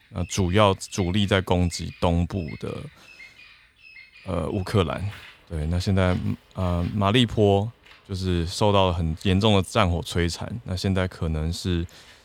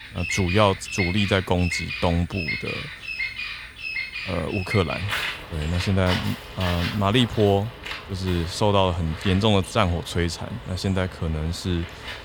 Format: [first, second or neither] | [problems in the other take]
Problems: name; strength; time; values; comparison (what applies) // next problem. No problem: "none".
first | animal sounds; loud; throughout; 7 dB below the speech; faint in the first